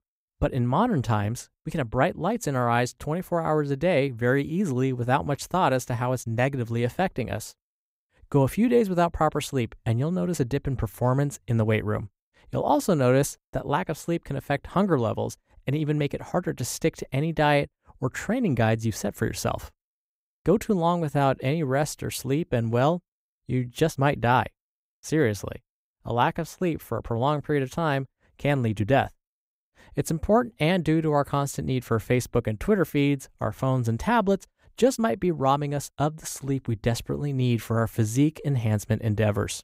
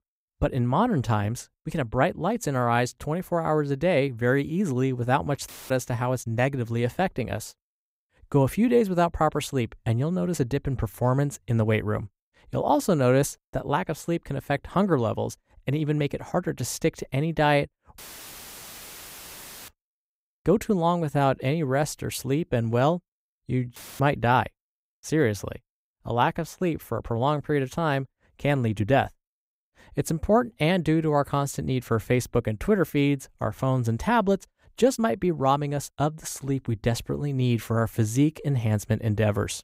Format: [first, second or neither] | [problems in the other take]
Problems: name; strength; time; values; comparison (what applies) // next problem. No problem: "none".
first | audio cutting out; filled with static; at 5.5 s, at 18 s for 1.5 s and at 24 s